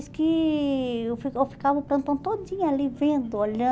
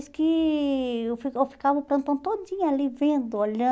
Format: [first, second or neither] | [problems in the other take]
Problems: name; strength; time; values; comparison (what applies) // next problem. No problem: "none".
second | background sound (Subway, metro, underground); 19 dB below the speech